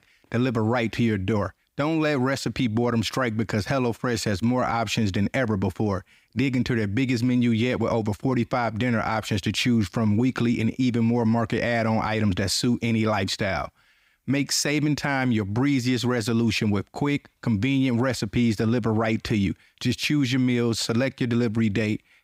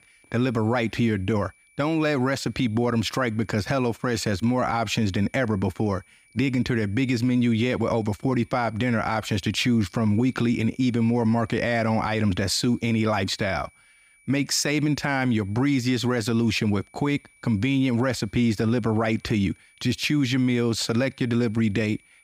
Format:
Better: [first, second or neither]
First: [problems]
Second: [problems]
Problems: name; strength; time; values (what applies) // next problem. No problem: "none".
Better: first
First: none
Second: high-pitched whine; faint; throughout; 2.5 kHz, 30 dB below the speech